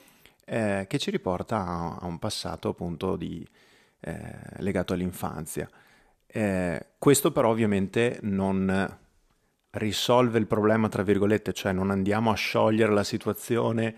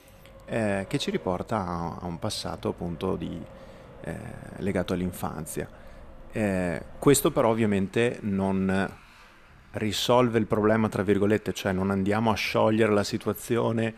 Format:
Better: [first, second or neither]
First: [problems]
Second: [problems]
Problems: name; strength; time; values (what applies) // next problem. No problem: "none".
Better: first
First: none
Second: traffic noise; faint; throughout; 25 dB below the speech